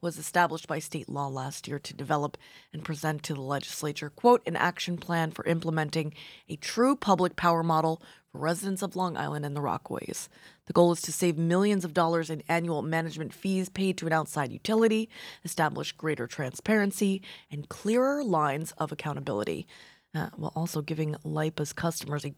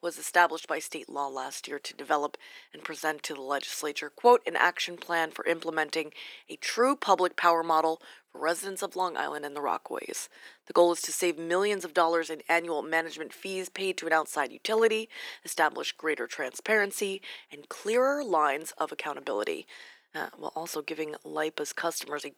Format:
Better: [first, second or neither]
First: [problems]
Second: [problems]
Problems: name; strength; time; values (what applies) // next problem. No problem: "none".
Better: first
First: none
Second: thin; somewhat; fading below 300 Hz